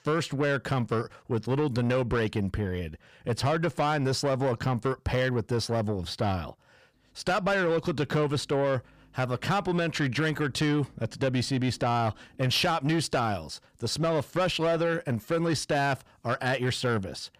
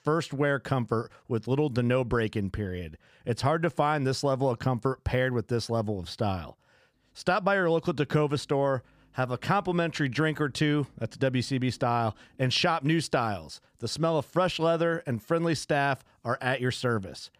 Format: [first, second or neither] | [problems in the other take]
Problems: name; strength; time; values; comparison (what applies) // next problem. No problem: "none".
second | distortion; slight; 10 dB below the speech